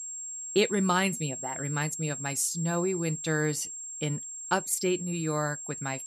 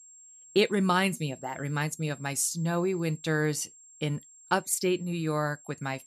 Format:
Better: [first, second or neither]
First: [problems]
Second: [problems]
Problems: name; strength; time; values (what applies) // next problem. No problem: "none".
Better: second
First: high-pitched whine; loud; throughout; 7.5 kHz, 6 dB below the speech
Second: high-pitched whine; faint; throughout; 7.5 kHz, 20 dB below the speech